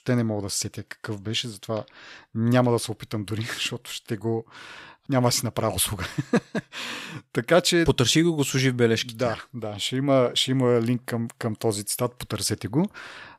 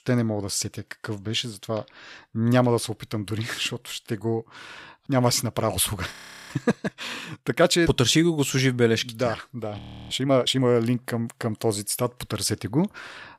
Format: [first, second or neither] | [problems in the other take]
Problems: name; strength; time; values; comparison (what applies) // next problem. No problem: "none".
first | audio freezing; at 6 s and at 10 s